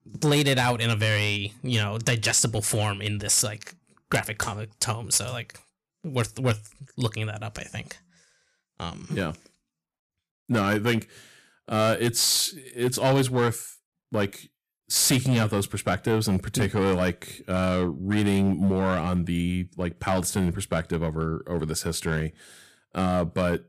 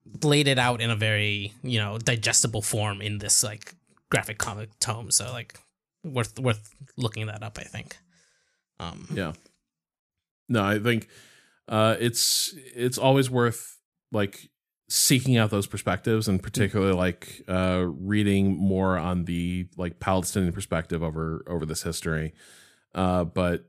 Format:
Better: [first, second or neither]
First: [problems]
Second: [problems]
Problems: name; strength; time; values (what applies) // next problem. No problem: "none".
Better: second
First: distortion; slight; 5% of the sound clipped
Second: none